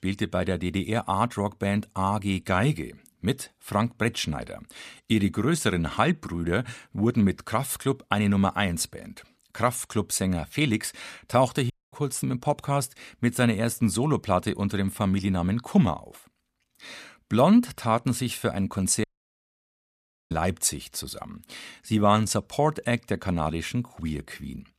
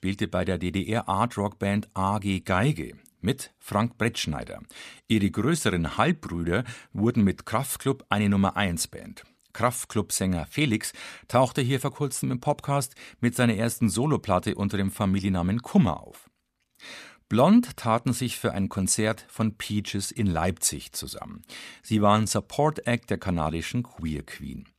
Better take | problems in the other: second | audio cutting out; at 12 s and at 19 s for 1.5 s

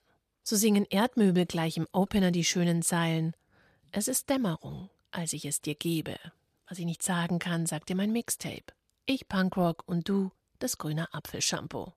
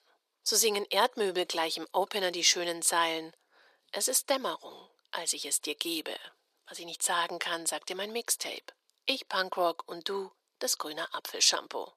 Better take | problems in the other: first | thin; very; fading below 400 Hz

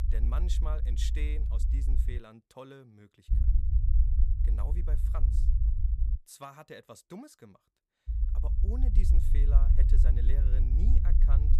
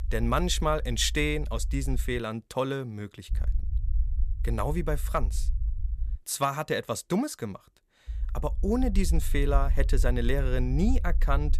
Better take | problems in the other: second | low rumble; loud; until 2 s, from 3.5 to 6 s and from 8 s on; 2 dB below the speech; faint in the second

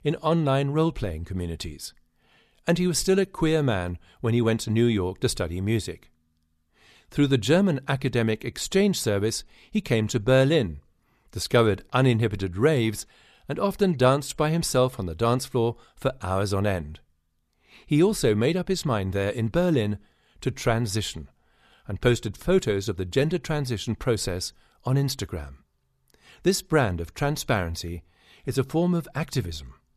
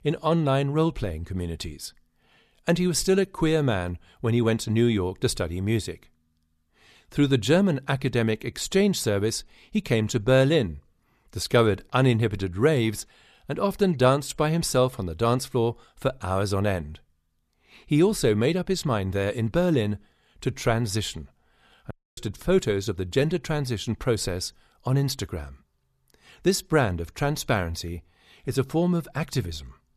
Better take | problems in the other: first | audio cutting out; at 22 s

